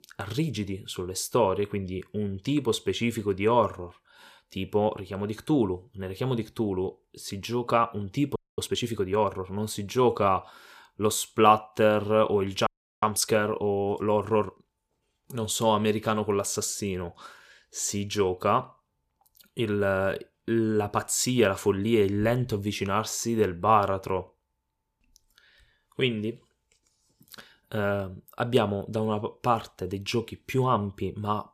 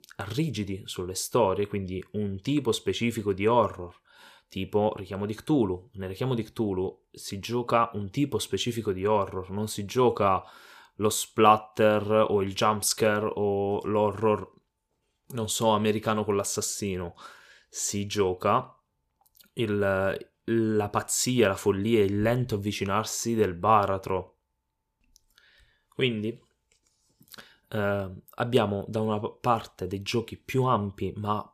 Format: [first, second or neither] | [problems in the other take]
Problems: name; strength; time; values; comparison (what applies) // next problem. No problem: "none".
second | audio freezing; at 8.5 s and at 13 s